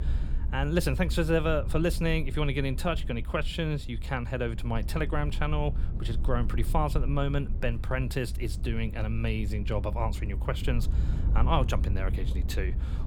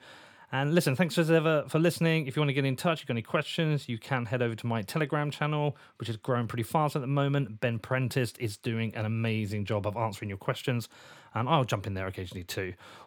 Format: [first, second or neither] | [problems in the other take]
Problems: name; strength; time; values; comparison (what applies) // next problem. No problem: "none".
second | low rumble; noticeable; throughout; 15 dB below the speech